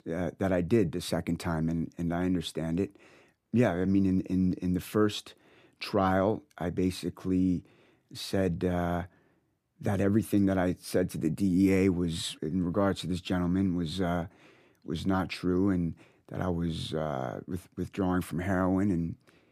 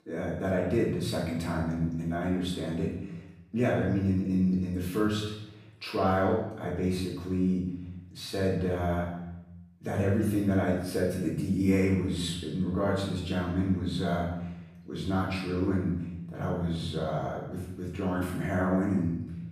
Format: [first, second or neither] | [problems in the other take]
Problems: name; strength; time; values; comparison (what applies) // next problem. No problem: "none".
first | off-mic speech; far // room echo; noticeable; dies away in 0.8 s